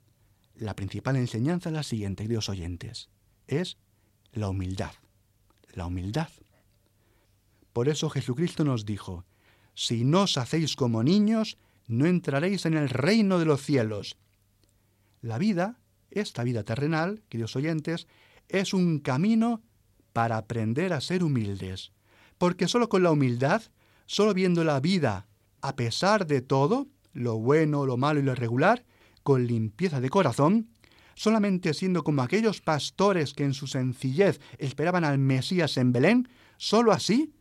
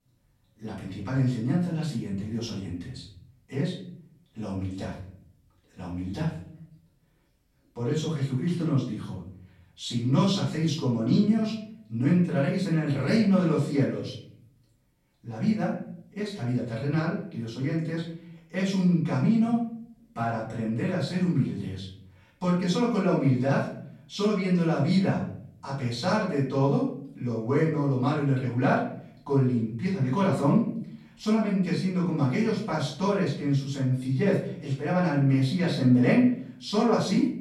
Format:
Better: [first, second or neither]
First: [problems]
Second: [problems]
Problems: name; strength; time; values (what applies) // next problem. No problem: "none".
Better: first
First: none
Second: off-mic speech; far // room echo; noticeable; dies away in 0.6 s